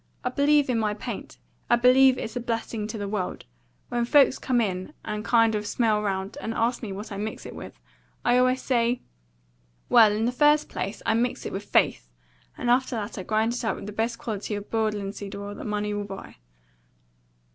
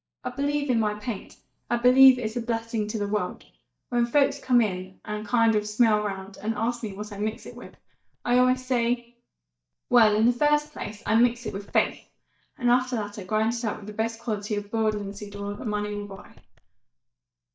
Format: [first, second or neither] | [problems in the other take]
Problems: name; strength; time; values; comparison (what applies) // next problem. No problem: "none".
first | noise reduction (neural mask model DeepFilterNet 3)